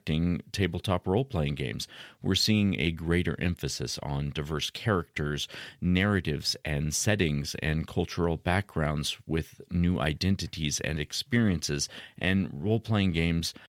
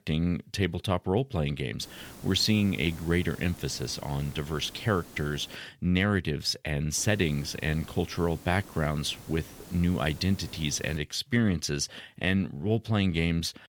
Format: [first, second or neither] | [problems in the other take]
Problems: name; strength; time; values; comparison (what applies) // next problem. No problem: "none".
first | hiss; noticeable; from 2 to 5.5 s and from 7 to 11 s; 20 dB below the speech